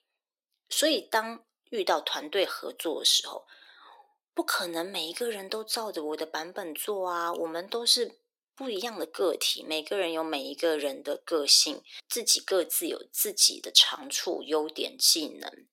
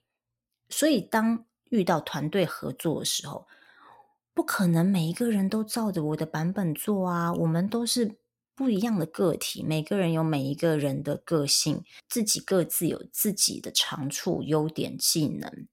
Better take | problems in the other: second | thin; very; fading below 350 Hz

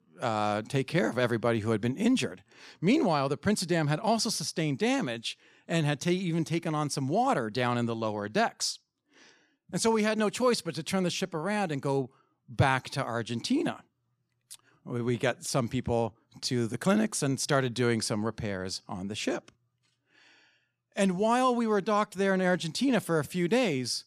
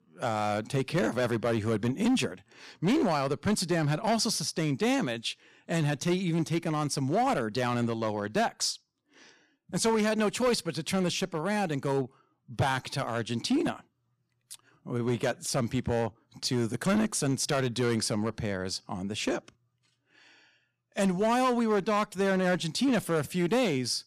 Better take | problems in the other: first | distortion; slight; 6% of the sound clipped

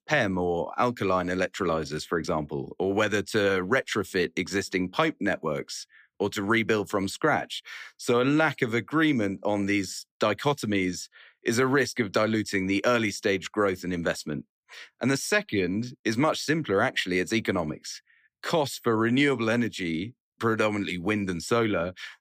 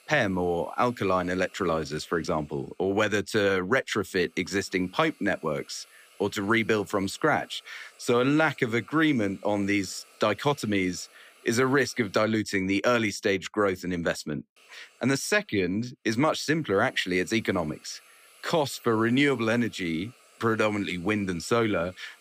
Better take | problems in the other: first | hiss; faint; until 12 s and from 15 s on; 30 dB below the speech

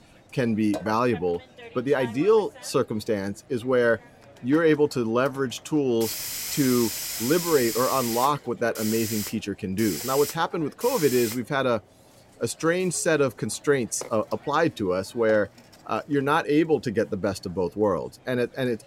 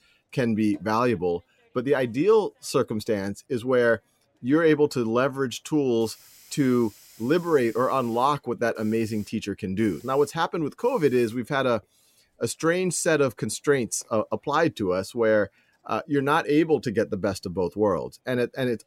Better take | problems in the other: second | hiss; loud; throughout; 7 dB below the speech; faint in the second

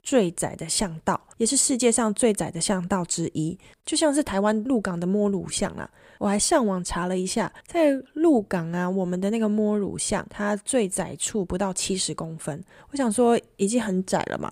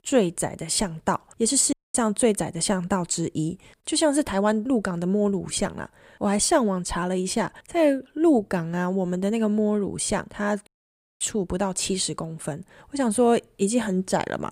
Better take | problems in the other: first | audio cutting out; at 1.5 s and at 11 s for 0.5 s

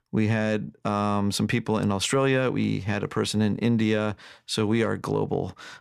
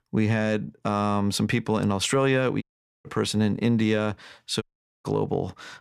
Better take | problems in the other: first | audio cutting out; at 2.5 s and at 4.5 s

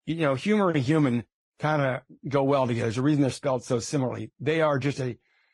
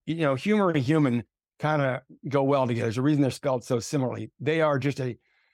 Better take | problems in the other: second | garbled, watery; slightly; nothing above 10.5 kHz

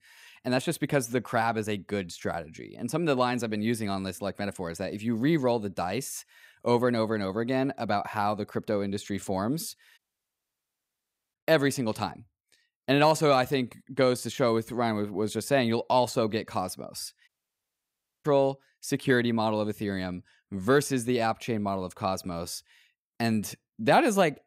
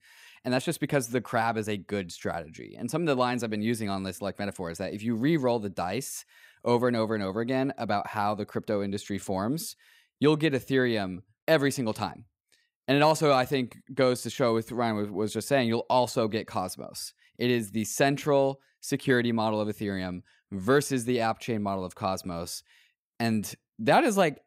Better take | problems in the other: second | audio cutting out; at 10 s for 1.5 s and at 17 s for 1 s

